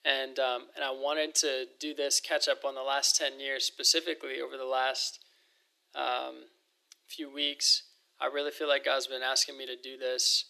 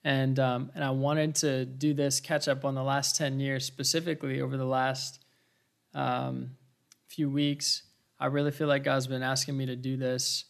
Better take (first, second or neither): second